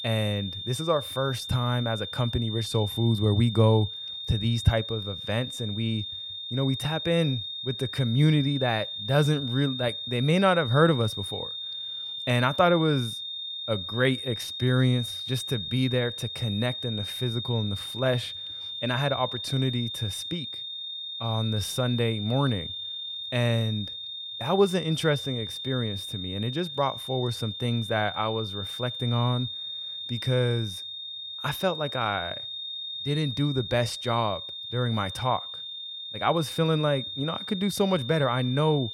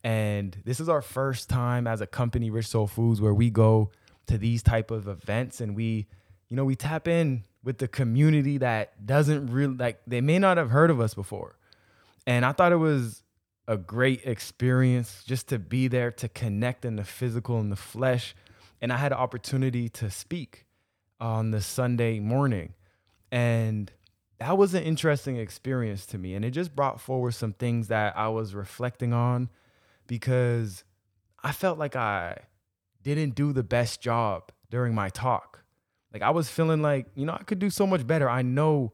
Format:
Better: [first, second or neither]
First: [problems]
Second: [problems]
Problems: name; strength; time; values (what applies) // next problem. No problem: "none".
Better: second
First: high-pitched whine; loud; throughout; 3.5 kHz, 6 dB below the speech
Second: none